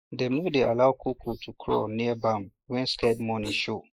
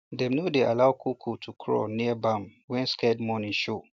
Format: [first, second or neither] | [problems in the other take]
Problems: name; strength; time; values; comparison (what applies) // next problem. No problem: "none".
second | noise reduction (neural mask model Resemble Enhance denoiser)